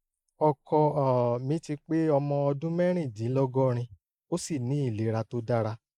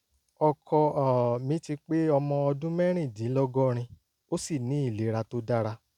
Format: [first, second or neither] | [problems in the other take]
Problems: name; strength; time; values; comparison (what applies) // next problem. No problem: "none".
second | noise reduction (neural mask model Resemble Enhance denoiser)